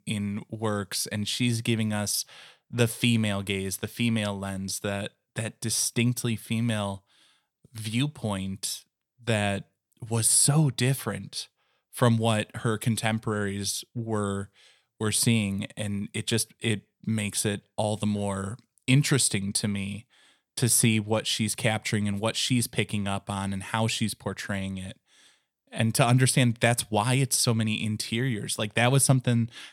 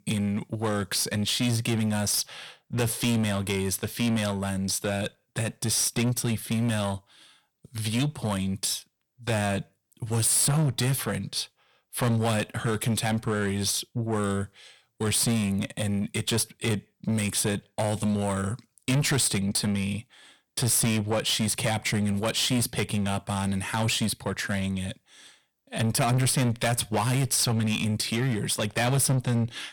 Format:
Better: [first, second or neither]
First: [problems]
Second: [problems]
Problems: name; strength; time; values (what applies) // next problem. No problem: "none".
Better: first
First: none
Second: distortion; heavy; 7 dB below the speech